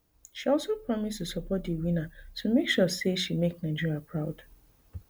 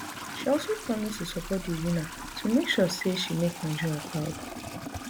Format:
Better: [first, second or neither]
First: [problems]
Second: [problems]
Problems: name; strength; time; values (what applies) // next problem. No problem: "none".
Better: first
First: none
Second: background sound (Trickle, dribble / Toilet flush); 10 dB below the speech